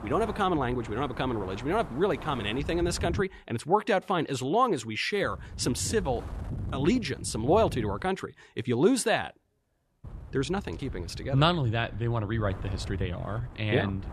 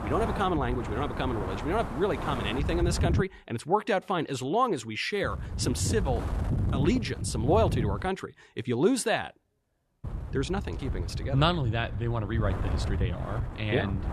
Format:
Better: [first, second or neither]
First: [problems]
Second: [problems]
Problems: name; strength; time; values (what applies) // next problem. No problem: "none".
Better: first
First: wind noise on the microphone; occasional gusts; until 3 s, from 5 to 8 s and from 10 s on; 20 dB below the speech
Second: wind noise on the microphone; heavy; until 3 s, from 5 to 8 s and from 10 s on; 10 dB below the speech